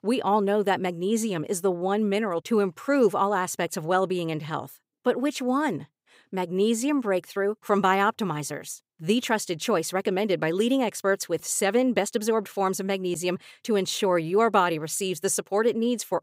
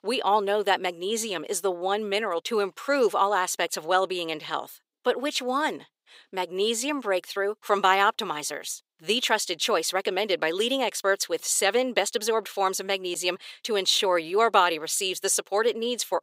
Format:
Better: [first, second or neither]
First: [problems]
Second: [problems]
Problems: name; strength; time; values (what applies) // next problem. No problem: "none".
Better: first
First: none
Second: thin; somewhat; fading below 450 Hz